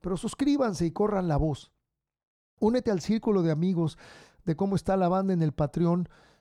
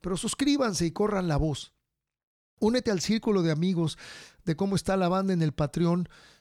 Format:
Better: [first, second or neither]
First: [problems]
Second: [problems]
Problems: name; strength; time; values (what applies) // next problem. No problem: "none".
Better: second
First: muffled; slightly; fading above 1.5 kHz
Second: none